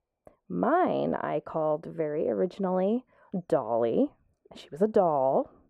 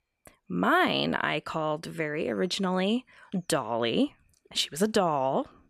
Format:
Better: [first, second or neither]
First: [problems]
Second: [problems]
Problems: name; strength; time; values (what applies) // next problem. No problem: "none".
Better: second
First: muffled; very; fading above 2 kHz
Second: none